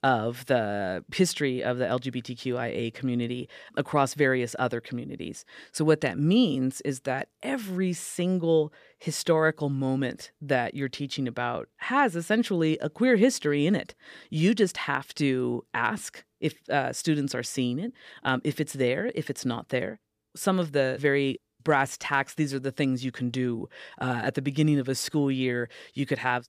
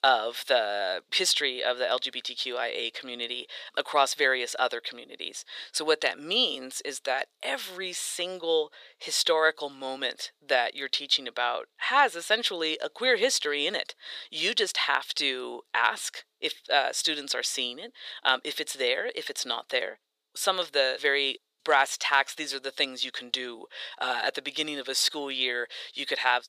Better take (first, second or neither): first